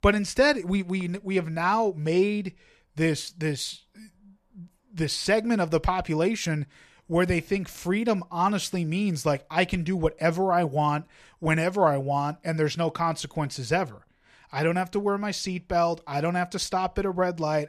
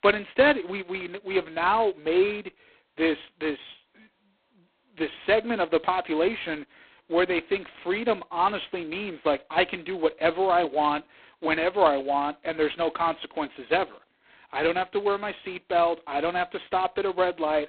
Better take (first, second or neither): first